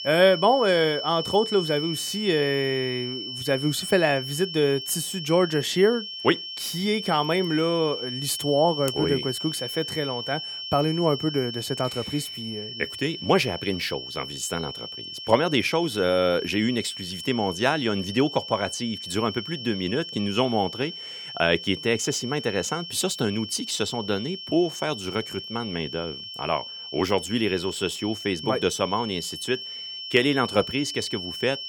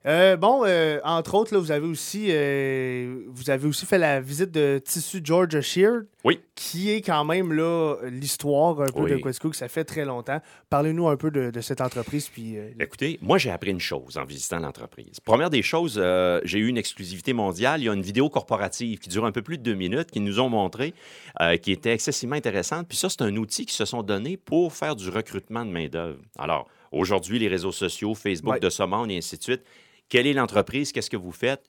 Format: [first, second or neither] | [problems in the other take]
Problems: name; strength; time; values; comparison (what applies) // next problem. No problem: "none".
second | high-pitched whine; loud; throughout; 3 kHz, 8 dB below the speech